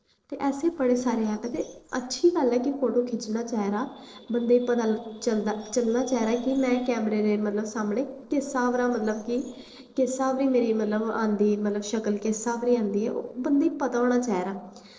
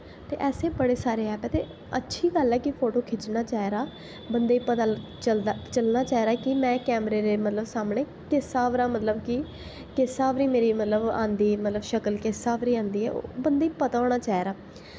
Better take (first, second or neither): second